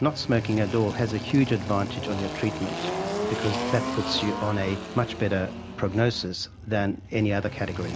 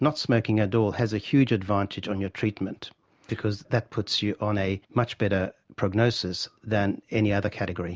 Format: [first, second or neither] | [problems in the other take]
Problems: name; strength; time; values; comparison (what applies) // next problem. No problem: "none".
second | background sound (Engine); 6 dB below the speech